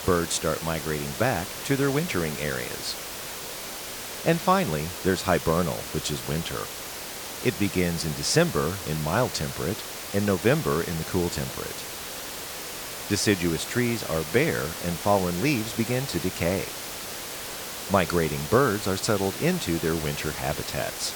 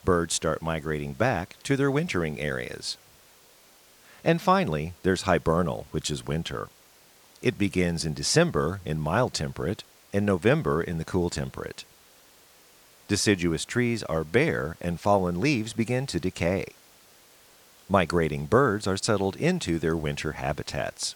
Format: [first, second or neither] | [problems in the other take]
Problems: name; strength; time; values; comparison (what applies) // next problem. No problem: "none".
second | hiss; loud; throughout; 7 dB below the speech; faint in the second